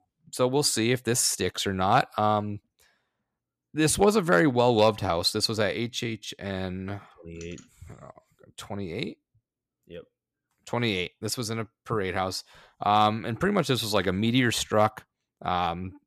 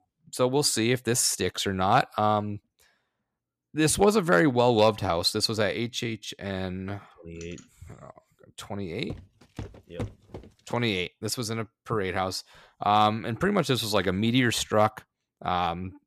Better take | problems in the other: first | footsteps; faint; from 9 to 11 s; peak 15 dB below the speech

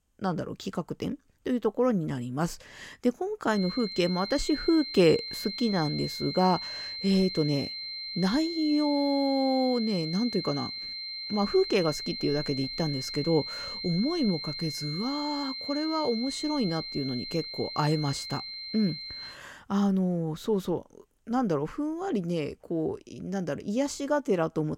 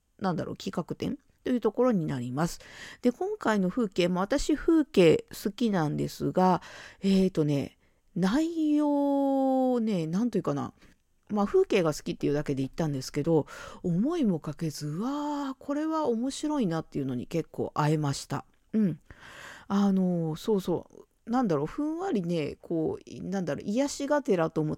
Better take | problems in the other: second | high-pitched whine; loud; from 3.5 to 19 s; 4 kHz, 6 dB below the speech

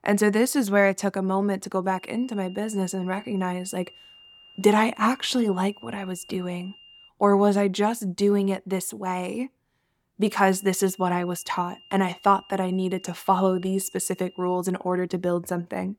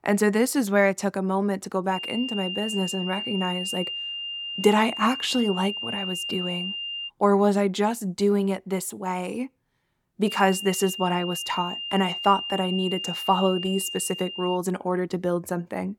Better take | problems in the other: first | high-pitched whine; loud; from 2 to 7 s and from 10 to 15 s; 3 kHz, 5 dB below the speech; faint in the first

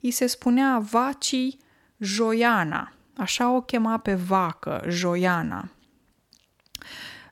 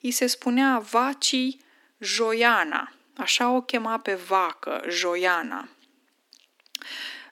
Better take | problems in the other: first | thin; very slightly; fading below 250 Hz

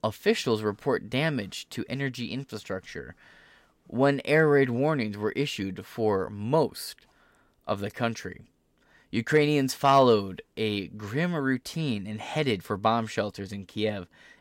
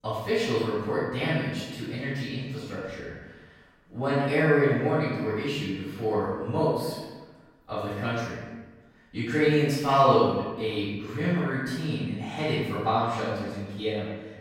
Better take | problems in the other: first | room echo; strong; dies away in 1.1 s // off-mic speech; far

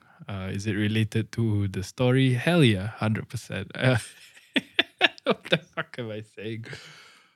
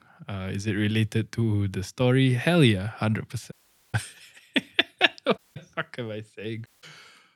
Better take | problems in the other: first | audio cutting out; at 3.5 s, at 5.5 s and at 6.5 s

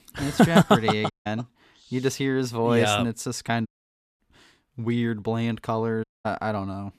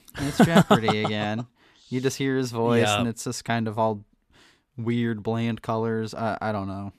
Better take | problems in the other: second | audio cutting out; at 1 s, at 3.5 s for 0.5 s and at 6 s

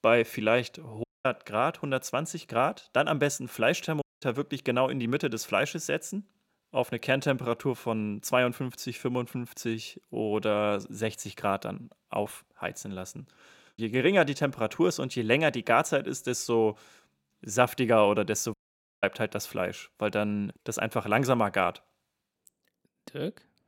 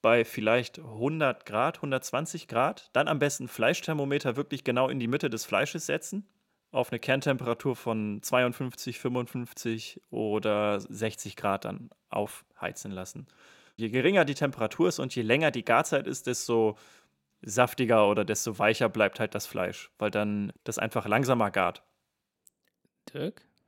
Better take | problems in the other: second | audio cutting out; at 1 s, at 4 s and at 19 s

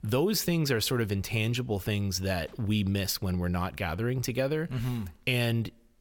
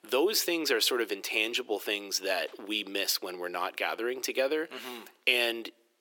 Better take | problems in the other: first | thin; very; fading below 300 Hz

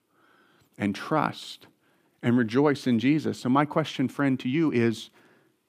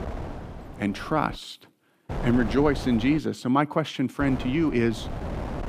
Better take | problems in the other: first | wind noise on the microphone; occasional gusts; until 1.5 s, from 2 to 3 s and from 4 s on; 10 dB below the speech

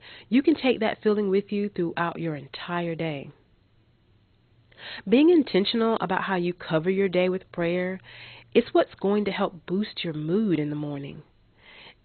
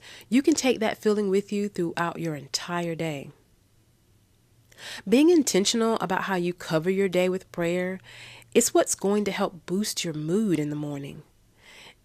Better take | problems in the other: second | garbled, watery; badly; nothing above 4 kHz

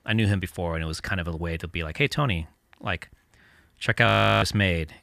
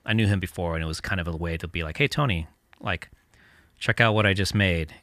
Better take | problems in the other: second | audio freezing; at 4 s

